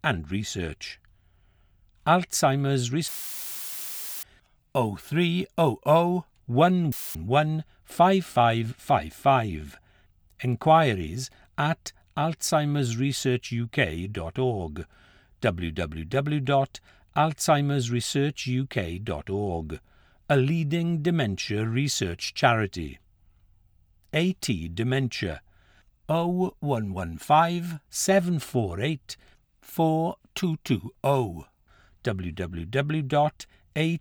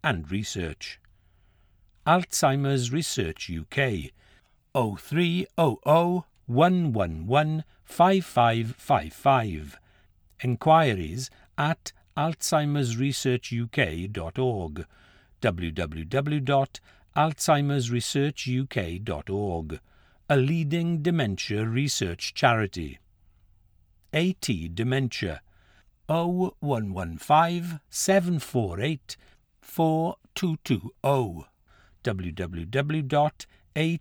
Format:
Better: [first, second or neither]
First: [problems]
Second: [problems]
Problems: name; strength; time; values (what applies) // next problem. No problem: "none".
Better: second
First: audio cutting out; filled with static; at 3 s for 1 s and at 7 s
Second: none